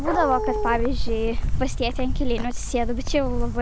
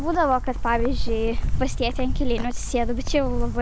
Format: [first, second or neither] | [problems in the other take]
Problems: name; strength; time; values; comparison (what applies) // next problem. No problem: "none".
second | background sound (Dog); 6 dB below the speech